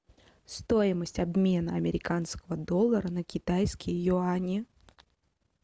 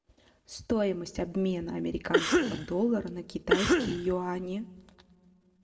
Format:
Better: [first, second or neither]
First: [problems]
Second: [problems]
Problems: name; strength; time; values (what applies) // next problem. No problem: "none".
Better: first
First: none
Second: background sound (Cough); 3 dB above the speech // room echo; dies away in 0.7 s